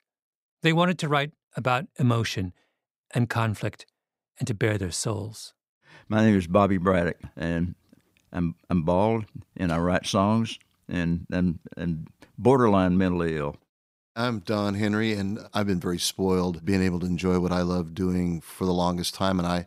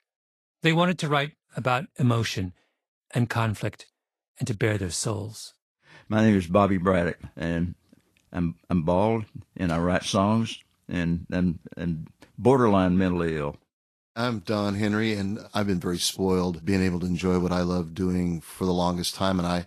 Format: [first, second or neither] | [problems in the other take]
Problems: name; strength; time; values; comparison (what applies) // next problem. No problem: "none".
first | garbled, watery; slightly; nothing above 12.5 kHz